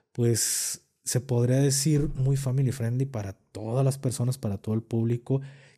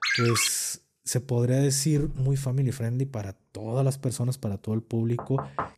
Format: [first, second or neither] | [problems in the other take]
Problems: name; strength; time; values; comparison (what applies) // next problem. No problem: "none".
first | phone ringing; loud; at the start; peak 2 dB above the speech // door banging; noticeable; at 5 s; peak 7 dB below the speech